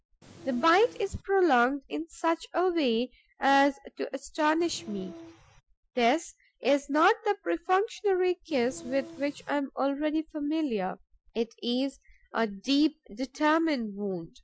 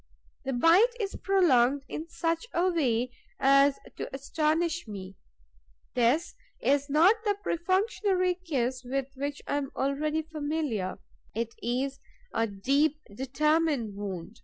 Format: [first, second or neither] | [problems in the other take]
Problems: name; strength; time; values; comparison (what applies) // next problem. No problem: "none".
second | noise reduction (classical method Wiener filter)